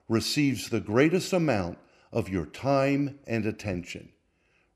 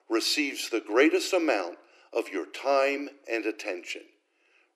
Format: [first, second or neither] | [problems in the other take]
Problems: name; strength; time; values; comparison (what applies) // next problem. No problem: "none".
first | thin; somewhat; fading below 300 Hz